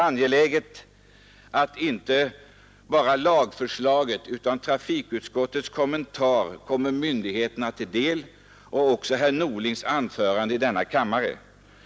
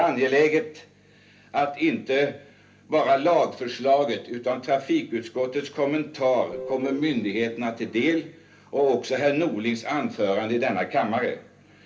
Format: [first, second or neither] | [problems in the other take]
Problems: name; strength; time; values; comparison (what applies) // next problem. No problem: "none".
first | background sound (Guitar); 14 dB below the speech // room echo; dies away in 0.3 s